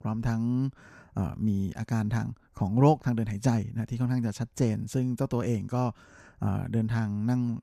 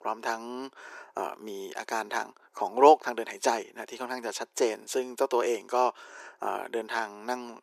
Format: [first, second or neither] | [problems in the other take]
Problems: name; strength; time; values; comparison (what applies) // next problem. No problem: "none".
first | thin; very; fading below 350 Hz